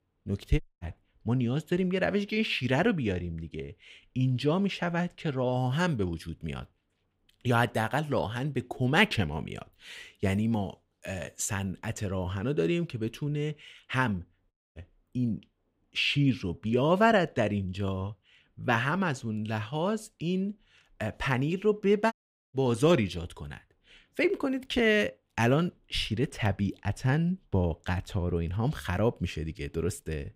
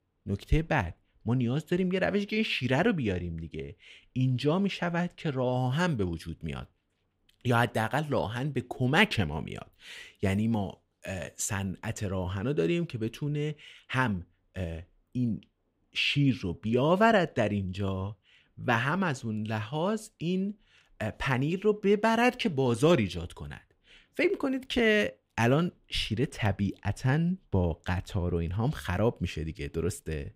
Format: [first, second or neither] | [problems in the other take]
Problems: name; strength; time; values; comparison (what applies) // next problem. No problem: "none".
second | audio cutting out; at 0.5 s, at 15 s and at 22 s